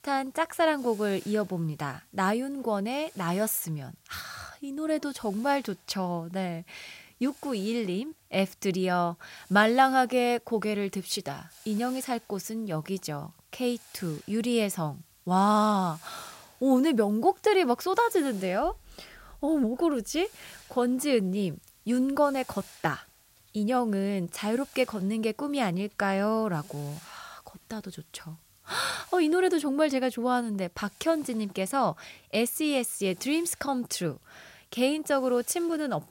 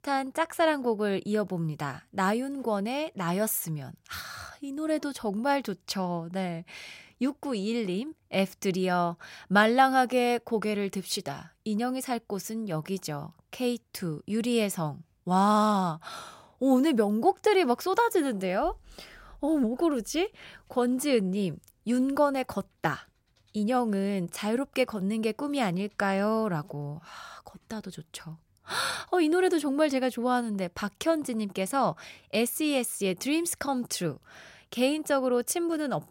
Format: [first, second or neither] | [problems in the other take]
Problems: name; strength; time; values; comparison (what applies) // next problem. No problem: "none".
second | hiss; faint; throughout; 25 dB below the speech